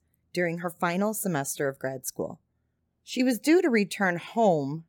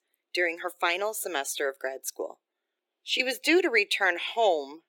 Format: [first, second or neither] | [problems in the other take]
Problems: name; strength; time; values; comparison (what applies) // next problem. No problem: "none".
first | thin; very; fading below 350 Hz